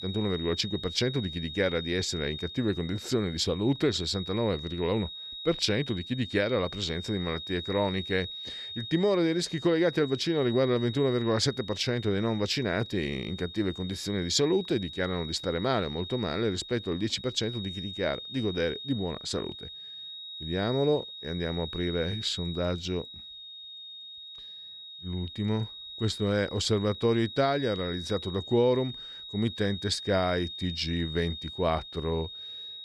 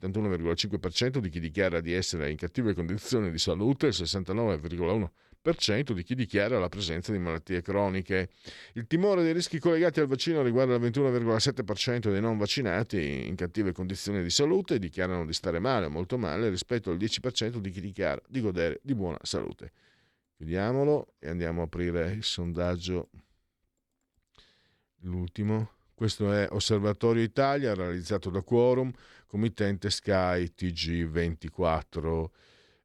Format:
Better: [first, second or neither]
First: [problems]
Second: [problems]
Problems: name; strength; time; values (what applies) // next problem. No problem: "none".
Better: second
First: high-pitched whine; loud; throughout; 3.5 kHz, 10 dB below the speech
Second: none